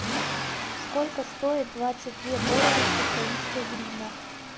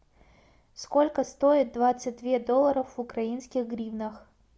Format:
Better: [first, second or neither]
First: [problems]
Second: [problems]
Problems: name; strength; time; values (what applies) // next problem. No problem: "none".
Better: second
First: background sound (Accelerating, revving, vroom); 3 dB above the speech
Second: none